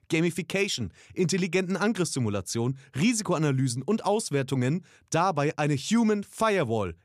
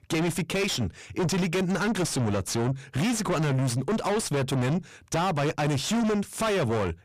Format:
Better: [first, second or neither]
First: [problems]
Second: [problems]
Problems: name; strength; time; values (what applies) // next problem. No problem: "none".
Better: first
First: none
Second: distortion; heavy; 5 dB below the speech